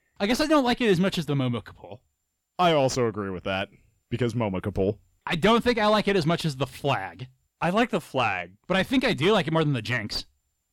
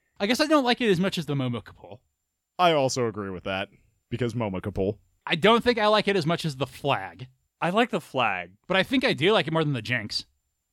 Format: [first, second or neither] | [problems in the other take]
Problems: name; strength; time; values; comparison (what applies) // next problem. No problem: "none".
second | distortion; slight; 10 dB below the speech